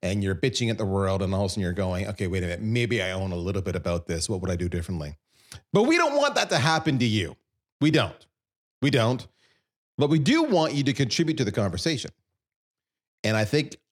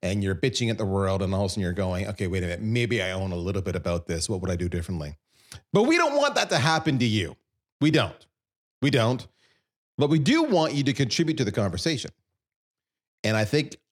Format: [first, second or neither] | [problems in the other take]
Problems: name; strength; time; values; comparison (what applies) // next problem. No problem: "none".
neither | none